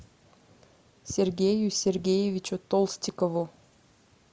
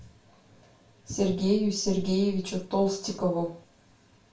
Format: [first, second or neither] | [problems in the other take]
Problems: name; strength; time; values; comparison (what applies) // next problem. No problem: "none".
first | room echo; dies away in 0.3 s